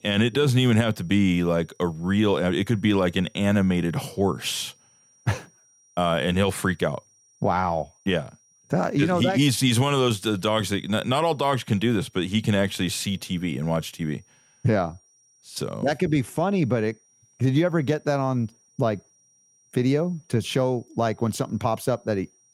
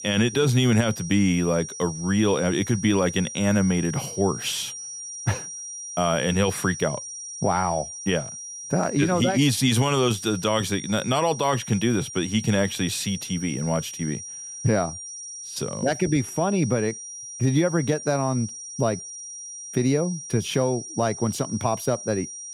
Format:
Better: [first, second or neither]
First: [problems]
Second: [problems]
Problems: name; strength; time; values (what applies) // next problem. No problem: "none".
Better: first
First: high-pitched whine; faint; throughout; 5.5 kHz, 35 dB below the speech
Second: high-pitched whine; loud; throughout; 5.5 kHz, 10 dB below the speech